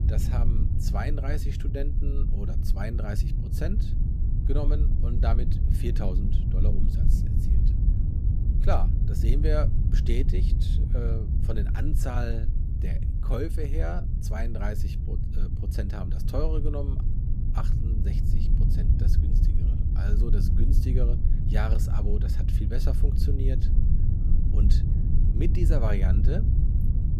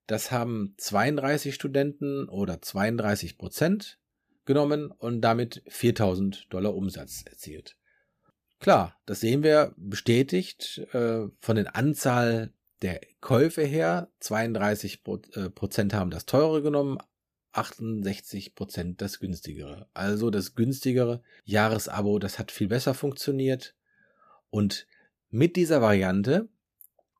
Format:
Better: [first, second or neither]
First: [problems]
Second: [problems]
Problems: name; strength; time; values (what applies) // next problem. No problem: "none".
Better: second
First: low rumble; loud; throughout; 4 dB below the speech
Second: none